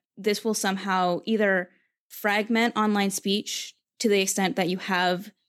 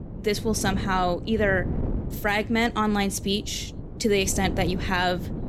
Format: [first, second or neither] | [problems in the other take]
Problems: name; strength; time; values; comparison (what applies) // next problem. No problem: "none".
first | wind noise on the microphone; occasional gusts; 15 dB below the speech